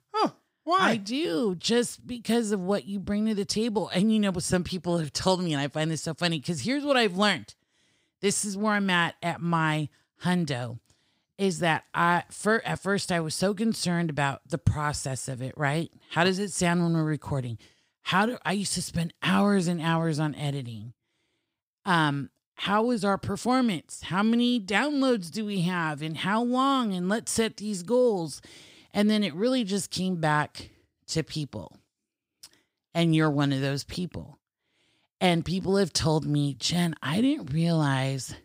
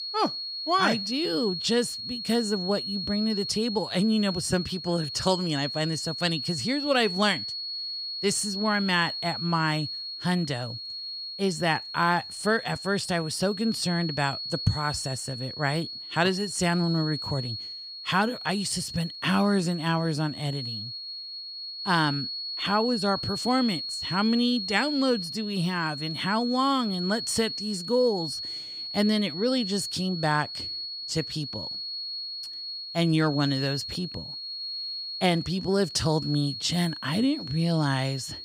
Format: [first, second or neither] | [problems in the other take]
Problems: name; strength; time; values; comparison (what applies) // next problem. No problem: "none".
first | high-pitched whine; loud; throughout; 4.5 kHz, 6 dB below the speech